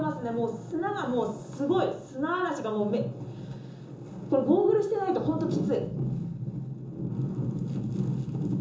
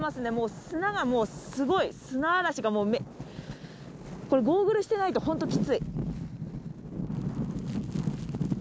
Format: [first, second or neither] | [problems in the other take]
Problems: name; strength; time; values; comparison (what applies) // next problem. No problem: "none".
second | room echo; dies away in 0.6 s